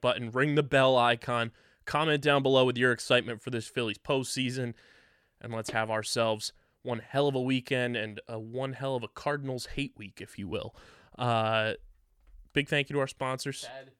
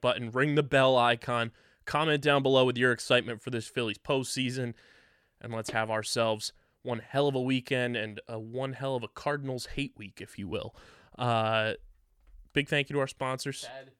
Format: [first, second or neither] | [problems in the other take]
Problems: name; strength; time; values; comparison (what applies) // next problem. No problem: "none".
neither | none